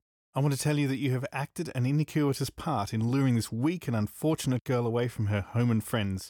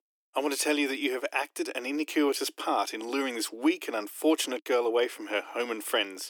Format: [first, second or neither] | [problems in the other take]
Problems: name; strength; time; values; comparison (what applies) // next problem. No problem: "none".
first | thin; somewhat; fading below 300 Hz